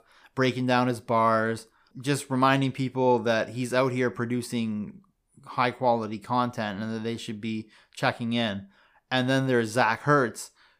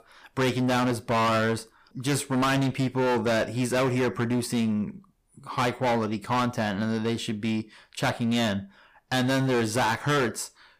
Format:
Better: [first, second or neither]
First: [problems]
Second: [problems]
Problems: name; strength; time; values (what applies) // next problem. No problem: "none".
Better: first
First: none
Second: distortion; heavy; 19% of the sound clipped